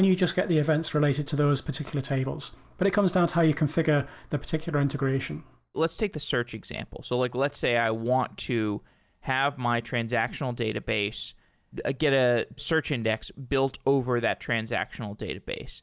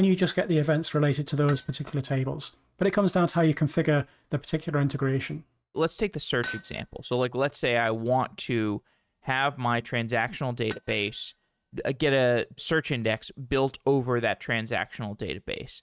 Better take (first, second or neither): first